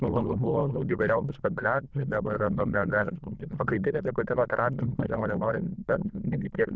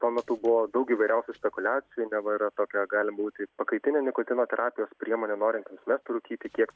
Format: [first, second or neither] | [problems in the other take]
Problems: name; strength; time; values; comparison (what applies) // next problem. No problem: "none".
second | noise reduction (neural diffusion model UNIVERSE++)